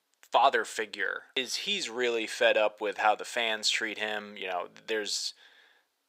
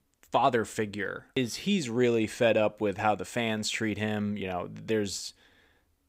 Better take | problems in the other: second | thin; very; fading below 550 Hz

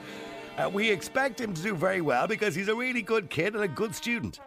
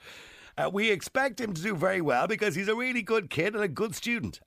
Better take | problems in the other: second | background music; noticeable; throughout; 20 dB below the speech

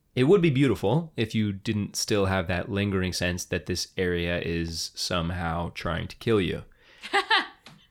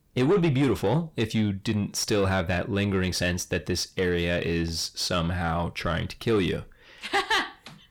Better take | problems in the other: first | distortion; slight; 10 dB below the speech

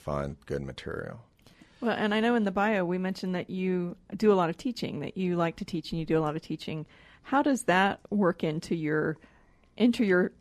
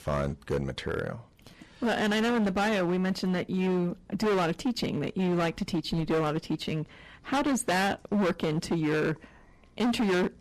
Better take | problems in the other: first | distortion; heavy; 18% of the sound clipped

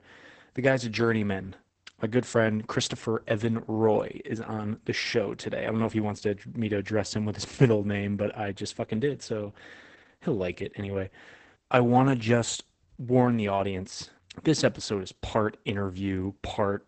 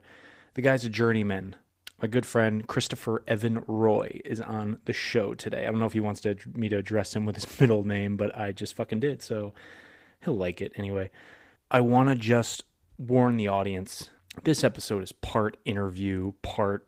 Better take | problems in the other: second | garbled, watery; badly; nothing above 8 kHz; slightly in the second

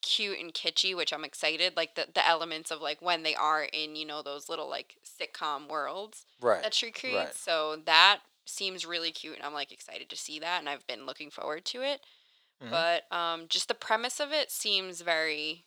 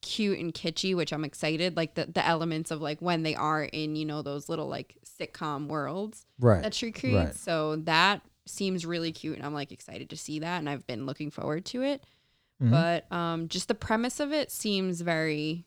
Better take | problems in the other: second | thin; very; fading below 700 Hz

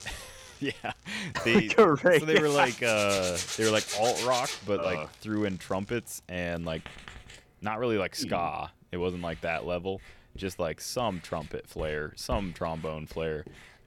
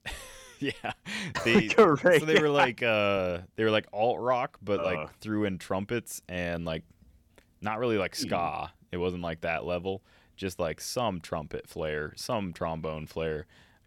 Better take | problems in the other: second | household noises; loud; throughout; 7 dB below the speech

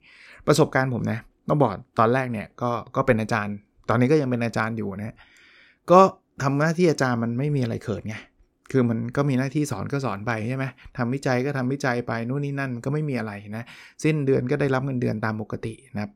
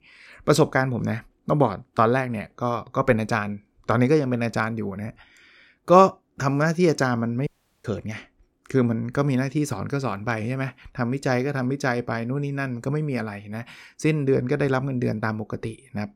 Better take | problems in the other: first | audio cutting out; at 7.5 s

